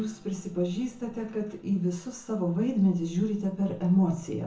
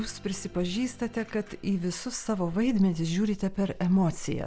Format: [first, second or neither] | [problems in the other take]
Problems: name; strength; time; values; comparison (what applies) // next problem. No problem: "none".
second | room echo; dies away in 0.5 s